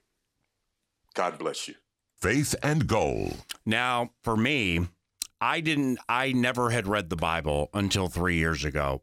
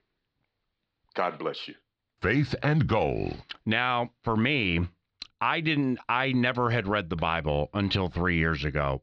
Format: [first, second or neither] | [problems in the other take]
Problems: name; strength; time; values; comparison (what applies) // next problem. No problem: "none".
first | muffled; very slightly; fading above 4 kHz